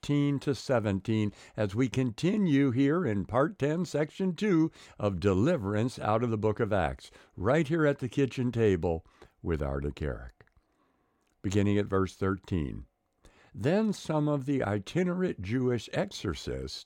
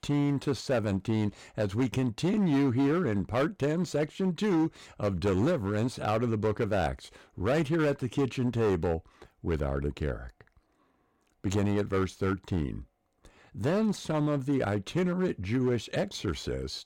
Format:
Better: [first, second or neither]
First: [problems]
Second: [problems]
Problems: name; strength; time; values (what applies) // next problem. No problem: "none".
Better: first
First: none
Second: distortion; slight; 9% of the sound clipped